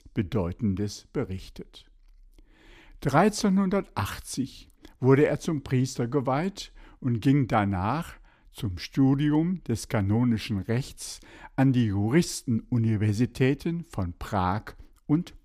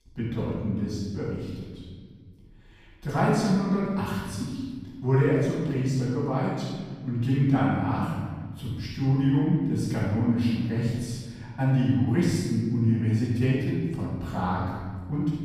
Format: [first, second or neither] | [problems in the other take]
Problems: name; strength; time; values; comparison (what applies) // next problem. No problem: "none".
first | off-mic speech; far // room echo; strong; dies away in 1.6 s